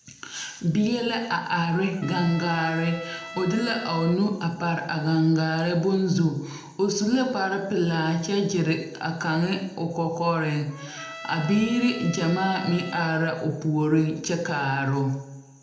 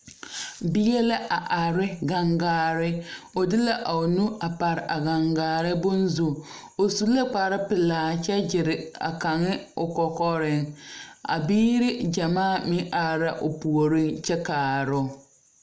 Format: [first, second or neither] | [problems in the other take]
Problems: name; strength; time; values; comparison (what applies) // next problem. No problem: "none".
second | background sound (Trumpet); 15 dB below the speech // room echo; dies away in 0.7 s